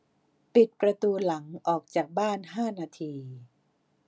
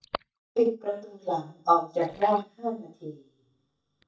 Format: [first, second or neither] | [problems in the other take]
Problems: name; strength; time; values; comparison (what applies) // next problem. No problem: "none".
first | noise reduction (neural mask model DeepFilterNet 3)